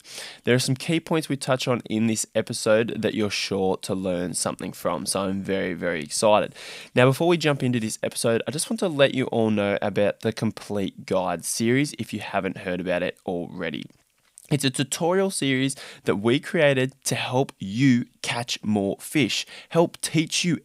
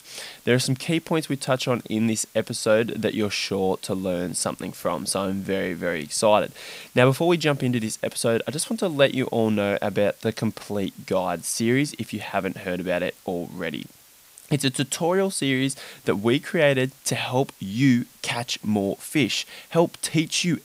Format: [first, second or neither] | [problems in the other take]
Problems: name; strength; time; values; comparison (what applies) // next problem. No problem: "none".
first | hiss; faint; throughout; 25 dB below the speech